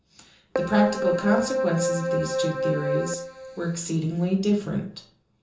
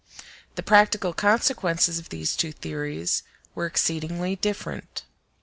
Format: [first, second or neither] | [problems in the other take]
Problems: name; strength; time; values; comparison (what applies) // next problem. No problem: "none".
second | background sound (Keyboard (musical)); 1 dB below the speech // room echo; dies away in 0.6 s